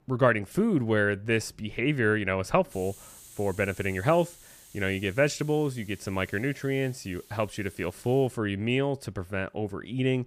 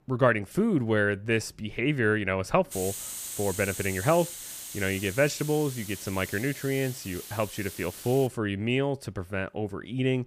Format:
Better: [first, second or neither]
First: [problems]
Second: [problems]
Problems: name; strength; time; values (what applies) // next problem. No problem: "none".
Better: first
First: hiss; faint; from 2.5 to 8.5 s; 20 dB below the speech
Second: hiss; loud; from 2.5 to 8.5 s; 9 dB below the speech